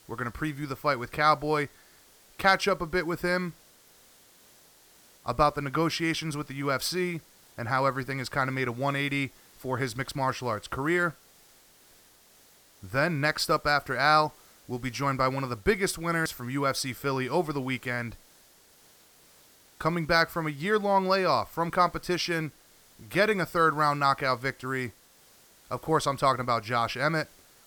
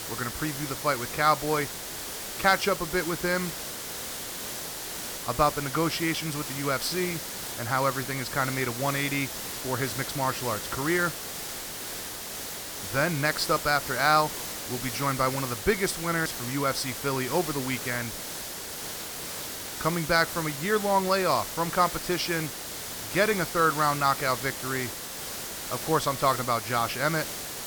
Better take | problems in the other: first | hiss; loud; throughout; 6 dB below the speech; faint in the first

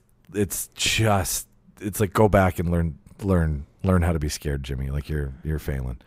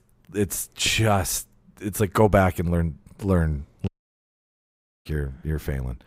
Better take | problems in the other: first | audio cutting out; at 4 s for 1 s

